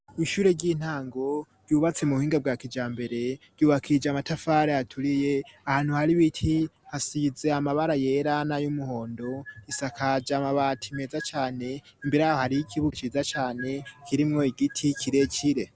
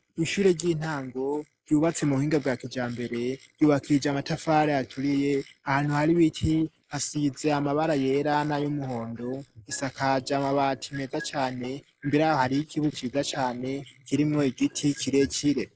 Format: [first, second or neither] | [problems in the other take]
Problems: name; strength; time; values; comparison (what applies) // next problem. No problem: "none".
first | noise reduction (neural mask model Resemble Enhance denoiser)